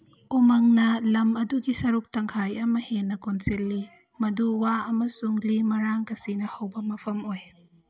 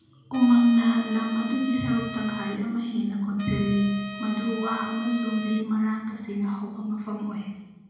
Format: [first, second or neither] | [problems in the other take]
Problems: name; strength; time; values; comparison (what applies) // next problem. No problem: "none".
first | background sound (Trumpet); 14 dB below the speech // room echo; dies away in 1 s